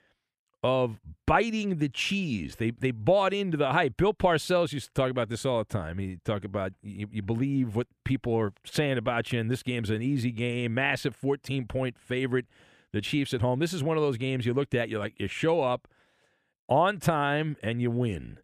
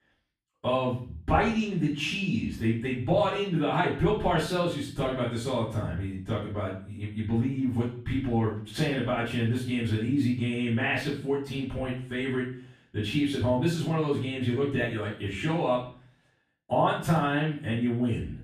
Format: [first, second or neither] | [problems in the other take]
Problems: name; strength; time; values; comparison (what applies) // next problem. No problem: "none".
first | off-mic speech; far // room echo; noticeable; dies away in 0.5 s